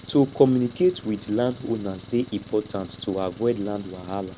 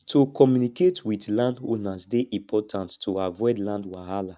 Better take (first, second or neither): second